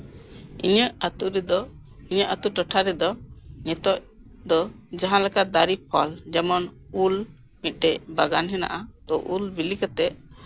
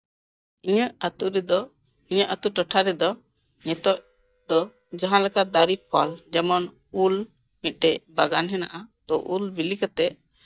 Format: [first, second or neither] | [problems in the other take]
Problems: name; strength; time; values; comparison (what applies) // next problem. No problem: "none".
first | noise reduction (neural mask model DeepFilterNet 3)